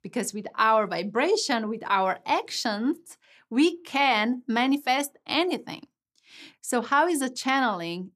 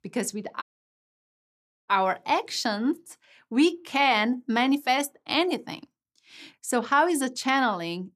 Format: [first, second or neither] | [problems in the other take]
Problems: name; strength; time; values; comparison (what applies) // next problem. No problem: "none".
first | audio cutting out; at 0.5 s for 1.5 s